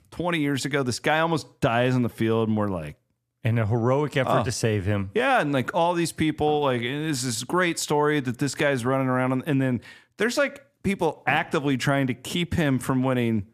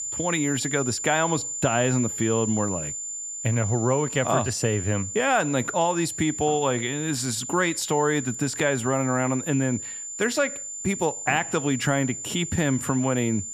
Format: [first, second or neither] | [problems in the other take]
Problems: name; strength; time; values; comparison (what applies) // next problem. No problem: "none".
first | high-pitched whine; loud; throughout; 7 kHz, 6 dB below the speech